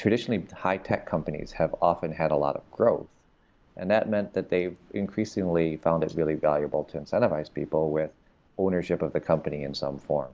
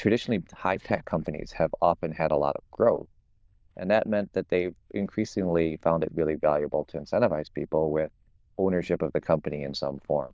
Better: first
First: none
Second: noise reduction (neural diffusion model UNIVERSE++)

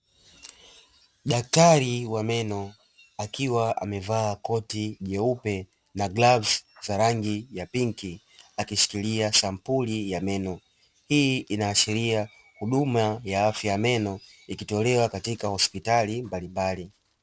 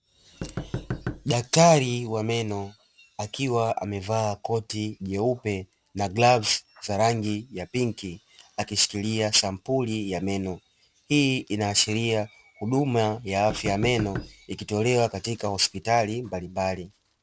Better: first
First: none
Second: background sound (Knock); 10 dB below the speech

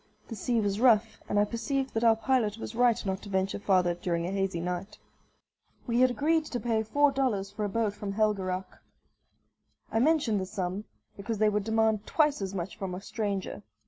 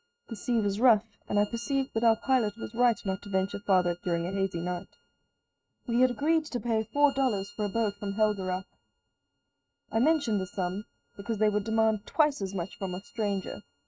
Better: first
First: none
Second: noise reduction (neural mask model RNNoise)

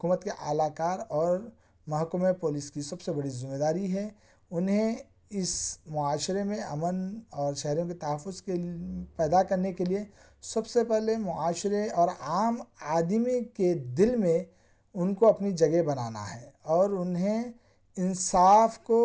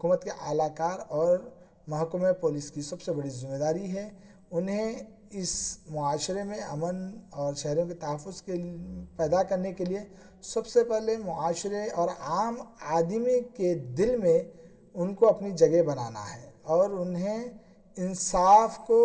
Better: first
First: none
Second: room echo; dies away in 0.8 s

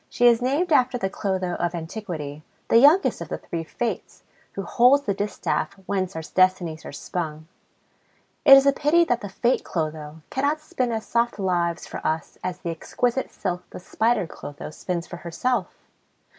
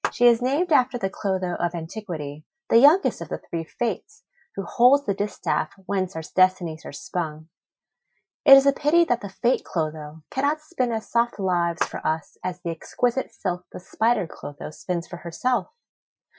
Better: first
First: none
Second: noise reduction (classical method Wiener filter)

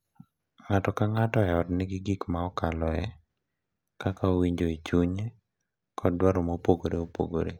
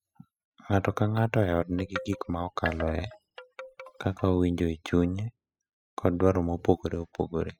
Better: first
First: none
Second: noise reduction (classical method spectral subtraction)

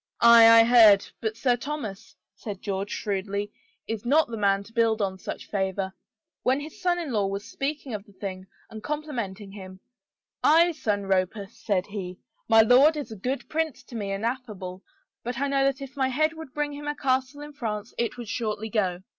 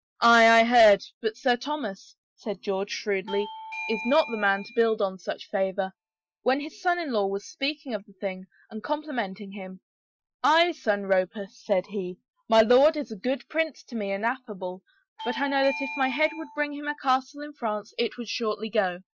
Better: first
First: none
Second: noise reduction (classical method Wiener filter)

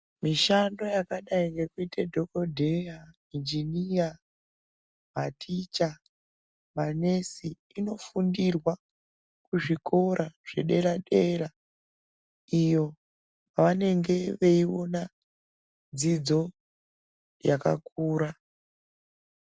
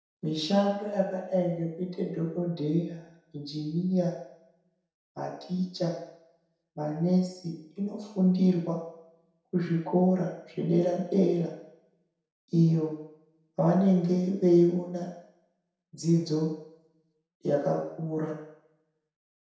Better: first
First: none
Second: room echo; dies away in 0.7 s

